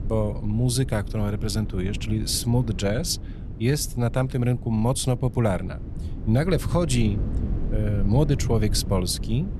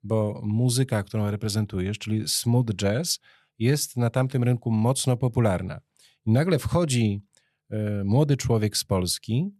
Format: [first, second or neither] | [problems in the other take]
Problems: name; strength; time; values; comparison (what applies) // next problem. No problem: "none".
second | low rumble; noticeable; throughout; 15 dB below the speech